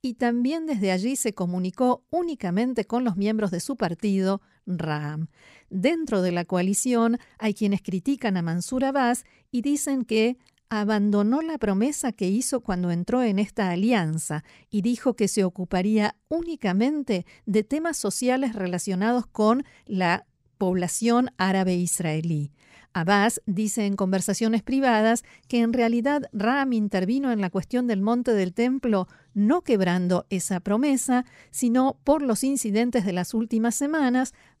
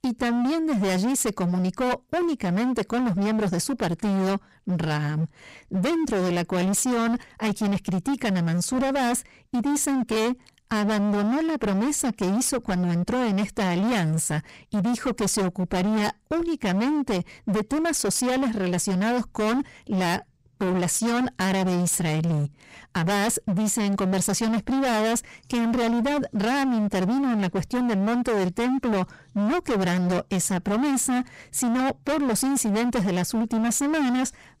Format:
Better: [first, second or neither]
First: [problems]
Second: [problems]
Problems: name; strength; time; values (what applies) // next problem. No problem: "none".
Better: first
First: none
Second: distortion; heavy; 38% of the sound clipped